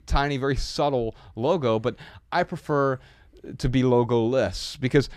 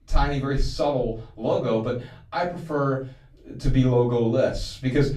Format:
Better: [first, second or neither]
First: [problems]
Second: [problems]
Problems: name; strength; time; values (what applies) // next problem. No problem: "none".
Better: first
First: none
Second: room echo; slight; dies away in 0.3 s // off-mic speech; far